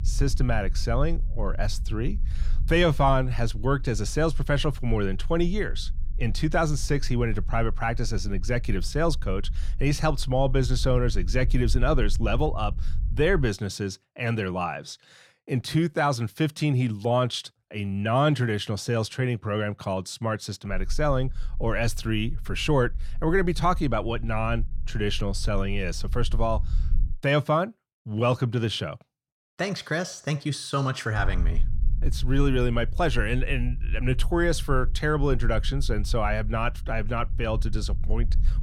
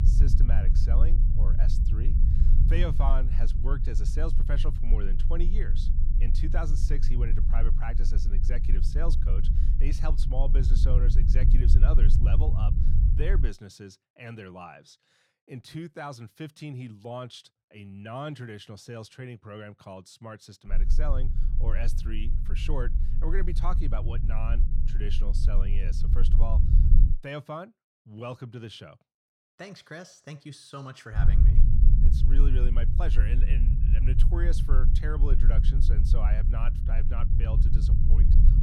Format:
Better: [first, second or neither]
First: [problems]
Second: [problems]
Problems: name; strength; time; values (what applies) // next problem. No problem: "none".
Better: first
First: low rumble; faint; until 13 s, from 21 to 27 s and from 31 s on; 25 dB below the speech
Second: low rumble; loud; until 13 s, from 21 to 27 s and from 31 s on; 5 dB below the speech